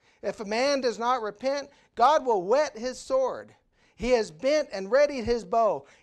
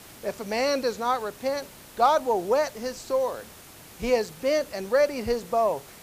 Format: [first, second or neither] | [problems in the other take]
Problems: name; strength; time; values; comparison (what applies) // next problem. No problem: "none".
first | hiss; noticeable; throughout; 20 dB below the speech